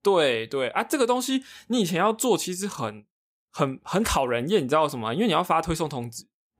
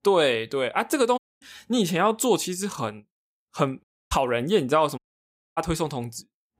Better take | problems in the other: first | audio cutting out; at 1 s, at 4 s and at 5 s for 0.5 s

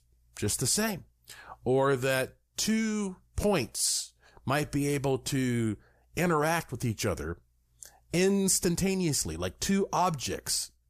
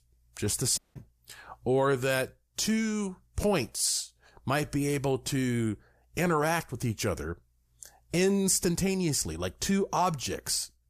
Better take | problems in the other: first | audio cutting out; at 1 s

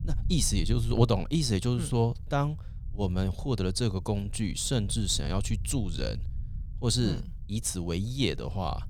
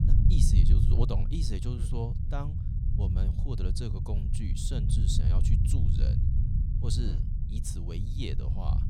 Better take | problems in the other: first | low rumble; loud; throughout; 2 dB below the speech; faint in the first

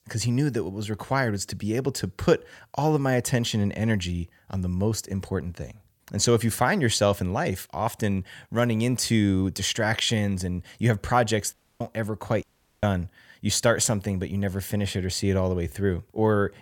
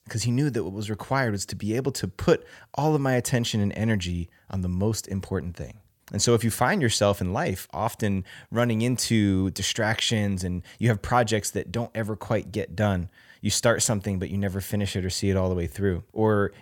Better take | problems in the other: second | audio cutting out; at 12 s

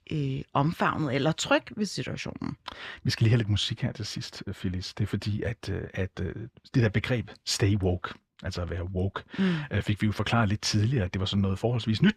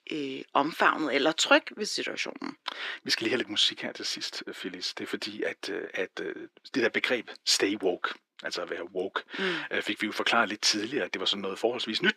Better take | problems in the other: first | thin; somewhat; fading below 300 Hz

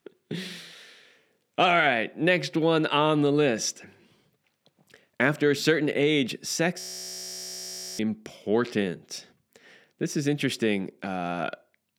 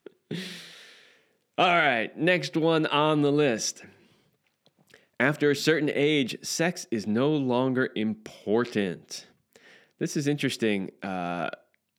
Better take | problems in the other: second | audio freezing; at 7 s for 1 s

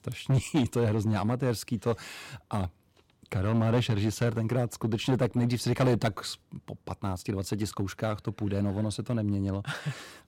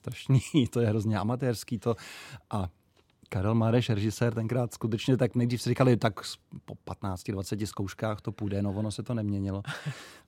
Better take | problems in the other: second | distortion; slight; 4% of the sound clipped

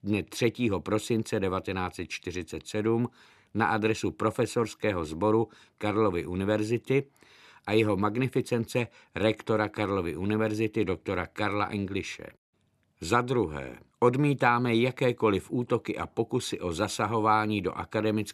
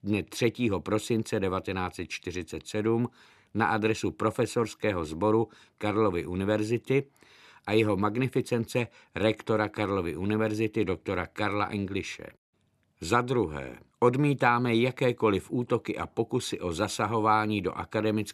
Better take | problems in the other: neither | none

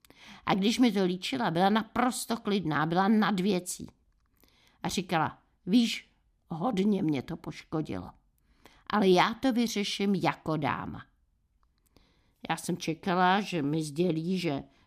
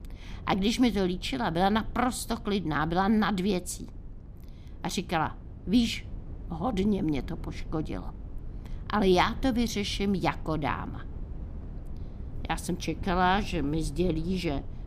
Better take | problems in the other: first | low rumble; faint; throughout; 25 dB below the speech

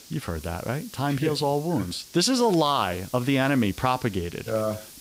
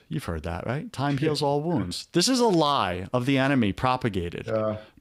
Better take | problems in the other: second | hiss; noticeable; throughout; 20 dB below the speech

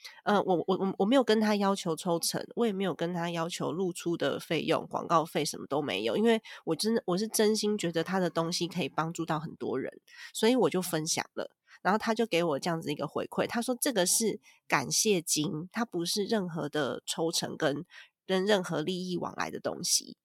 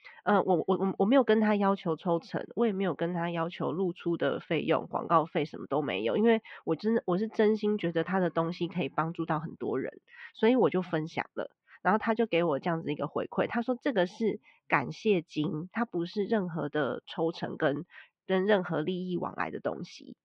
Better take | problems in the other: first | muffled; very; fading above 2.5 kHz

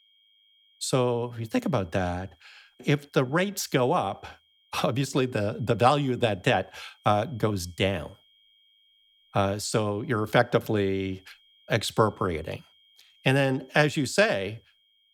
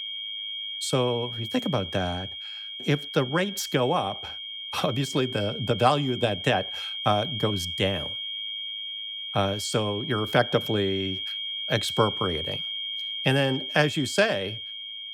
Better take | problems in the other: first | high-pitched whine; loud; throughout; 3 kHz, 5 dB below the speech; faint in the first

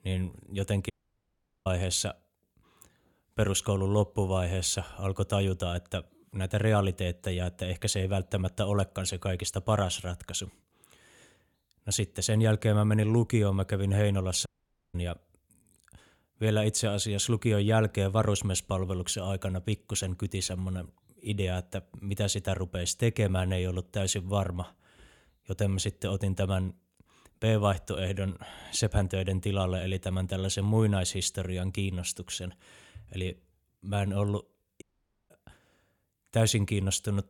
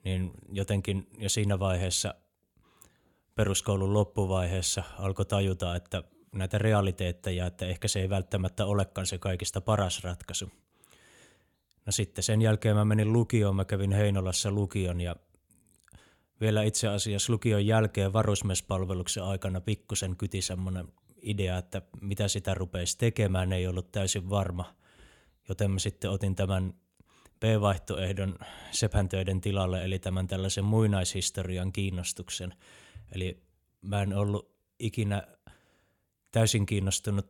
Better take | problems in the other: second | audio cutting out; at 1 s for 1 s, at 14 s and at 35 s

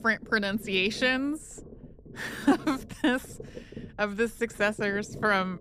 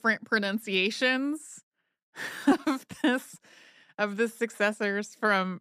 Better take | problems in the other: second | low rumble; faint; throughout; 20 dB below the speech

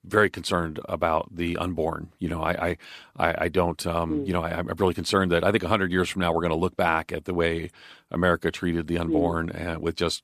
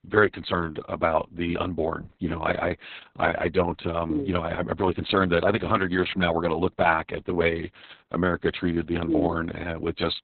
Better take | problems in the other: first | garbled, watery; badly; nothing above 4 kHz

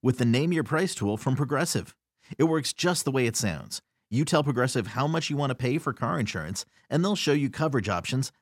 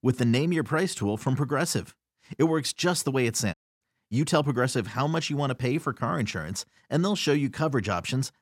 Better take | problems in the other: first | audio cutting out; at 3.5 s

